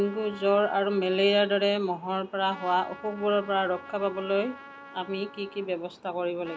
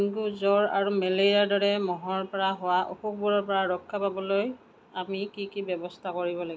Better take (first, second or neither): second